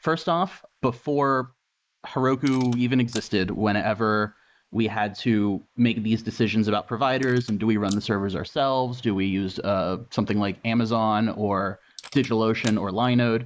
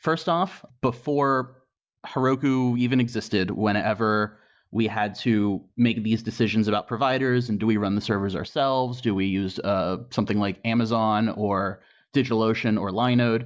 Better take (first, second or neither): second